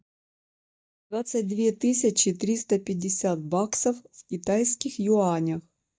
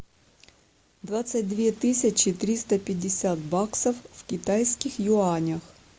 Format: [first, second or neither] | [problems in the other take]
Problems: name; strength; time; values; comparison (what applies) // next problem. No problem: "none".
second | noise reduction (neural mask model DeepFilterNet 3)